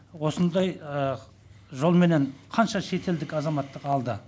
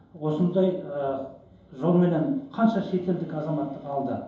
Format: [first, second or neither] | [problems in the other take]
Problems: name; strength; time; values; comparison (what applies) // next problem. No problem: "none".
first | room echo; dies away in 2.8 s